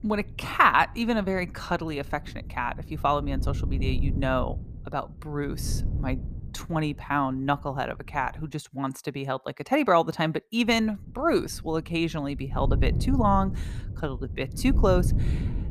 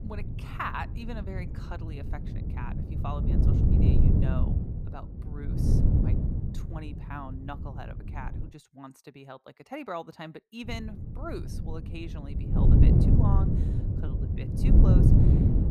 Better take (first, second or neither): first